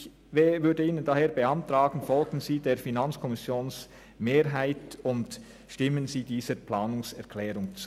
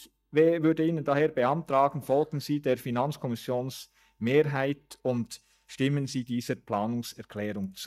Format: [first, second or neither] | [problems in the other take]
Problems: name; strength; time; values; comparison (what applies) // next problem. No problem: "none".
first | noise reduction (neural mask model DeepFilterNet 3)